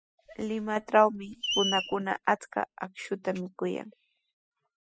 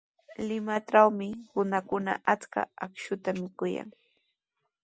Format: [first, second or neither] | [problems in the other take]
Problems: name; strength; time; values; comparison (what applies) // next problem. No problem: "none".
second | noise reduction (classical method spectral subtraction)